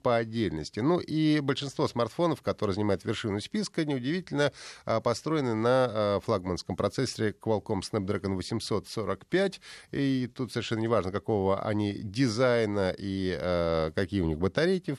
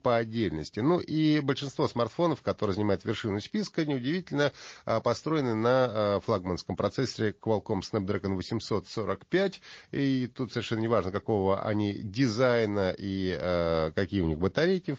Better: first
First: none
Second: garbled, watery; slightly; nothing above 7 kHz

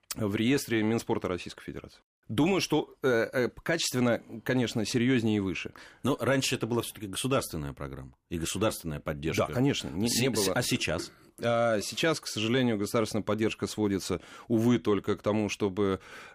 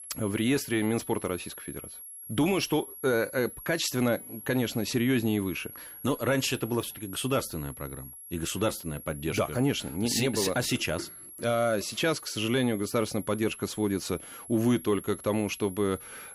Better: first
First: none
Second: high-pitched whine; noticeable; throughout; 11.5 kHz, 15 dB below the speech

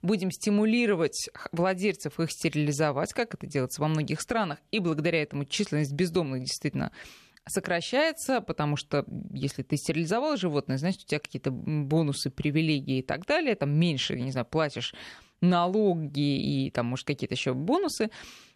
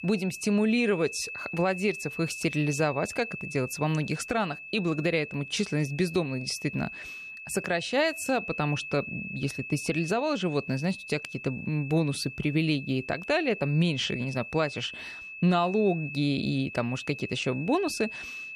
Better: first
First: none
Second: high-pitched whine; loud; throughout; 2.5 kHz, 10 dB below the speech

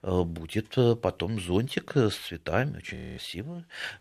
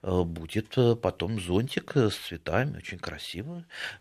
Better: second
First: audio freezing; at 3 s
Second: none

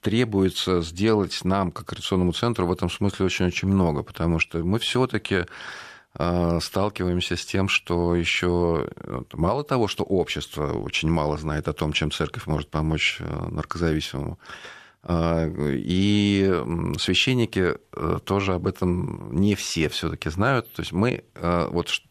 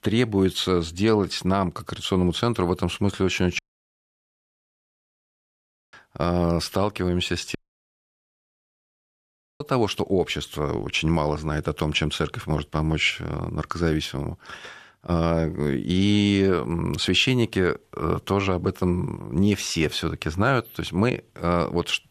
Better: first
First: none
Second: audio cutting out; at 3.5 s for 2.5 s and at 7.5 s for 2 s

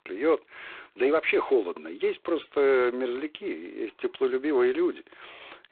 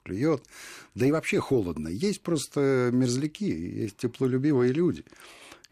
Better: second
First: phone-call audio; poor line; nothing above 4 kHz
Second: none

